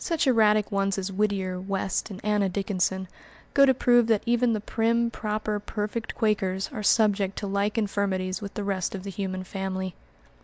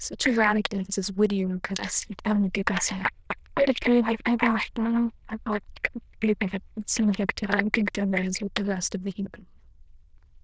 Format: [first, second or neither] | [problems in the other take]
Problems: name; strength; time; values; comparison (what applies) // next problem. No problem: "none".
first | noise reduction (neural diffusion model UNIVERSE++)